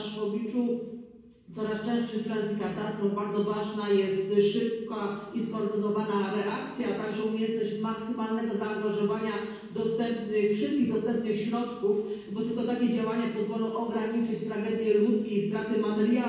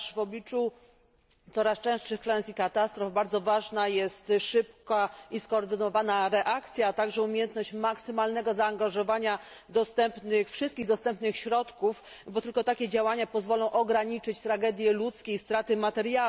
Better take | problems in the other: second | room echo; dies away in 1.2 s

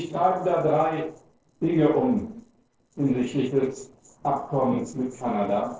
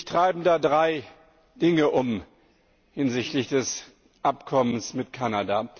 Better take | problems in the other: second | noise reduction (neural separator model SepFormer DNS4)

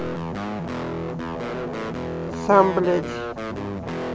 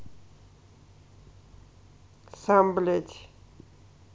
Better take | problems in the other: second | background sound (Guitar); 3 dB below the speech

